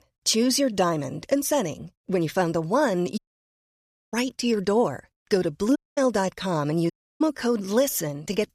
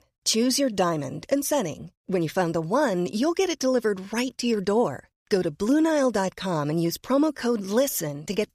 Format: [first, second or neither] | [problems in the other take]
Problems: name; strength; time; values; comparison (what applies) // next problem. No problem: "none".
second | audio cutting out; at 3 s for 1 s, at 6 s and at 7 s